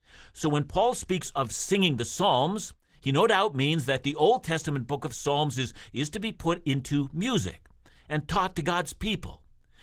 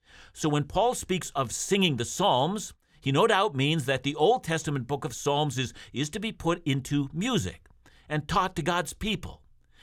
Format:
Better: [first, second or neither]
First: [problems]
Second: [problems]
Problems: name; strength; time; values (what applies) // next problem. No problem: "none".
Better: second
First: garbled, watery; slightly; nothing above 19 kHz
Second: none